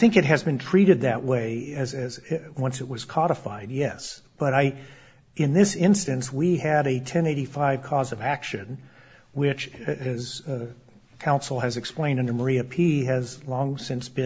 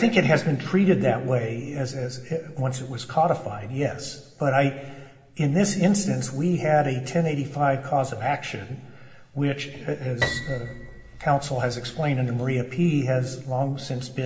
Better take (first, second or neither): first